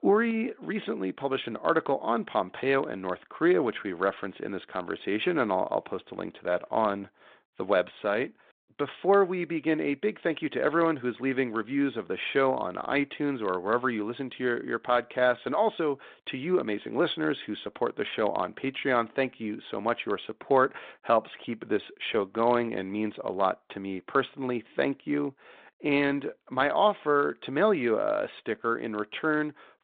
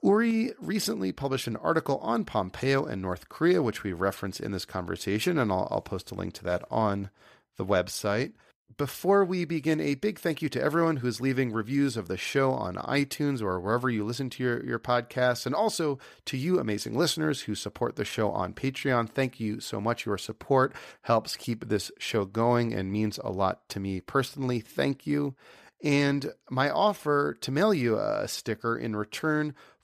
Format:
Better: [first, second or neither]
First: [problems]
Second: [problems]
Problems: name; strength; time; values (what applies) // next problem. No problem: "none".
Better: second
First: phone-call audio; nothing above 3.5 kHz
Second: none